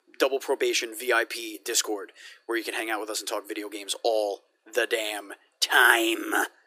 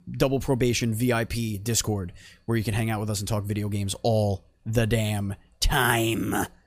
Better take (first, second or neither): second